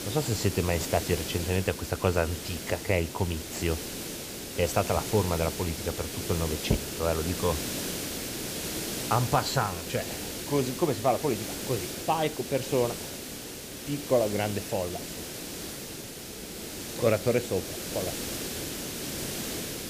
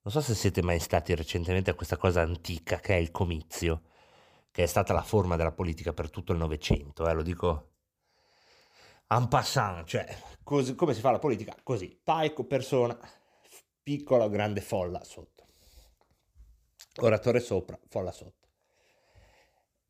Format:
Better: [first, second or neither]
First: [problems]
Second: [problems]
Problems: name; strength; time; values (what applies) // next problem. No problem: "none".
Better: second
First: hiss; loud; throughout; 5 dB below the speech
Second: none